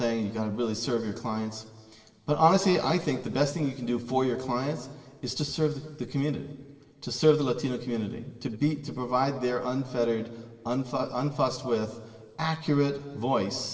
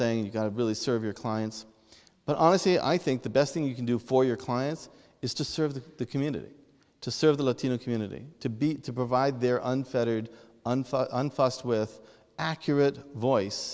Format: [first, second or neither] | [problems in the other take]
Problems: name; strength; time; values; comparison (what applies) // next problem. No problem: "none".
second | room echo; dies away in 2 s